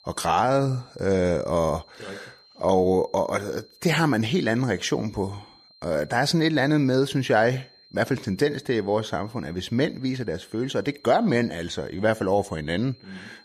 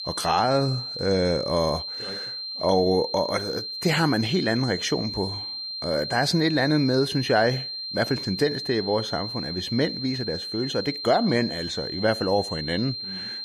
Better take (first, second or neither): first